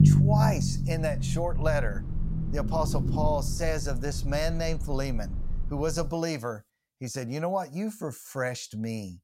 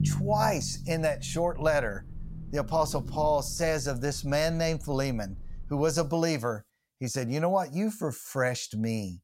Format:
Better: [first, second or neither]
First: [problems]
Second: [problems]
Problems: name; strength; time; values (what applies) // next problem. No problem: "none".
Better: second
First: low rumble; loud; until 6 s; 8 dB below the speech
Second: low rumble; faint; until 6 s; 20 dB below the speech